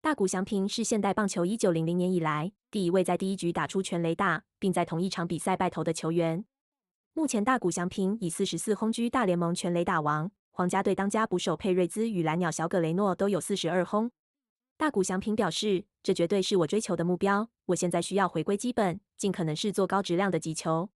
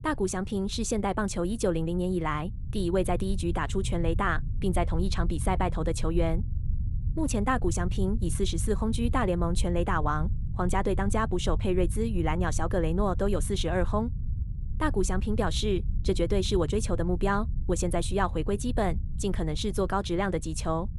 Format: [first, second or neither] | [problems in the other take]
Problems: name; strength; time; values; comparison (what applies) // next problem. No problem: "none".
first | low rumble; noticeable; throughout; 20 dB below the speech